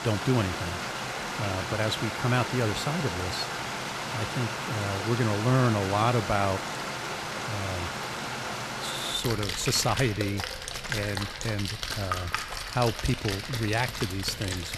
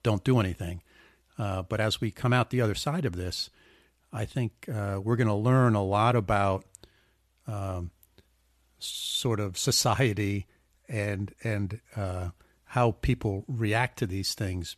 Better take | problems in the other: second | rain or running water; loud; throughout; 3 dB below the speech

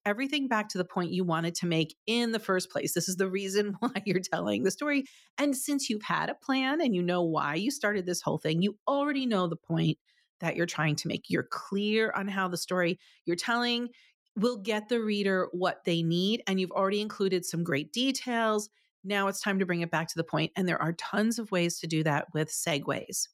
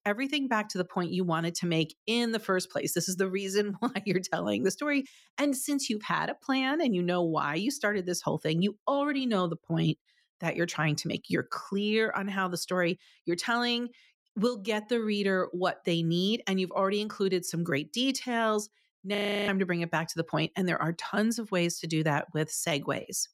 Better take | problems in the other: first | audio freezing; at 19 s

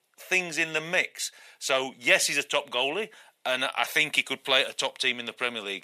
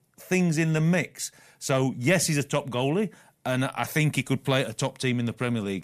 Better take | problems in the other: second | thin; very; fading below 550 Hz

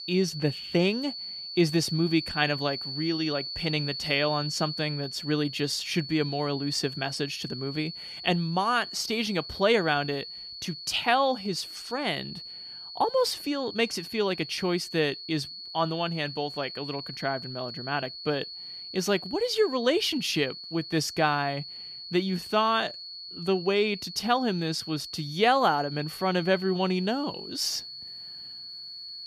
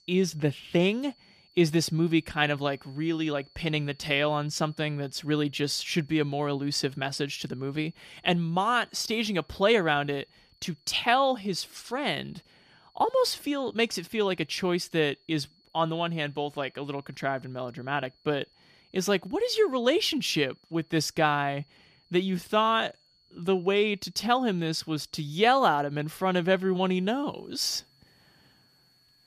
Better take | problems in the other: second | high-pitched whine; loud; throughout; 4.5 kHz, 9 dB below the speech; faint in the second

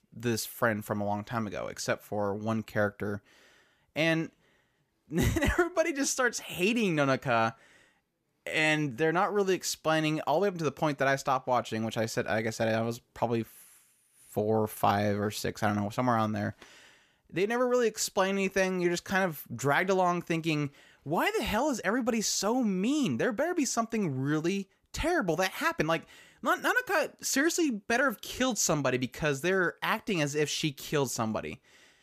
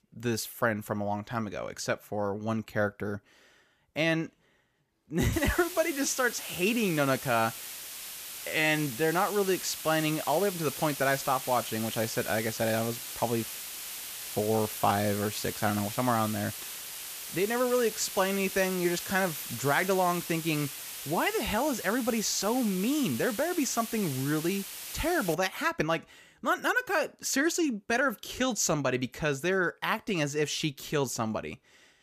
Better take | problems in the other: first | hiss; loud; from 5.5 to 25 s; 8 dB below the speech

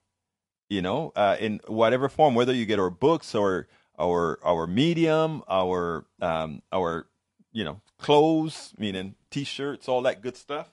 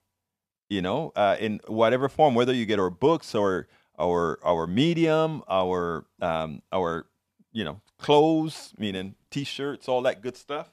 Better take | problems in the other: second | garbled, watery; slightly; nothing above 11 kHz

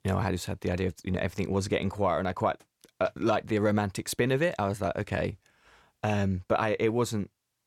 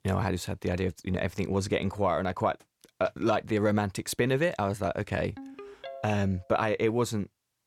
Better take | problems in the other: first | phone ringing; faint; from 5.5 to 6.5 s; peak 15 dB below the speech

